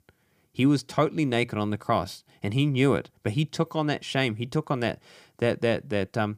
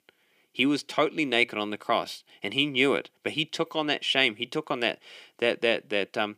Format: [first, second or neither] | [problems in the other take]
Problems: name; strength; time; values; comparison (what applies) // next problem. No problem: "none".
first | thin; very slightly; fading below 350 Hz